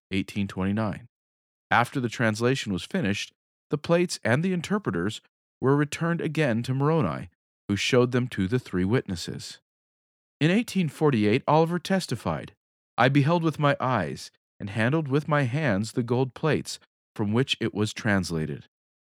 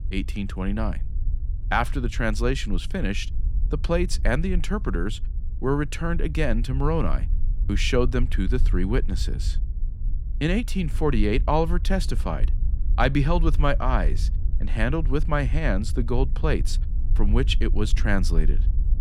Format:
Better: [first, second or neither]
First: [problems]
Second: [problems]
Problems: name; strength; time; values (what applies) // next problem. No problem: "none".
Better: first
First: none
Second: low rumble; faint; throughout; 20 dB below the speech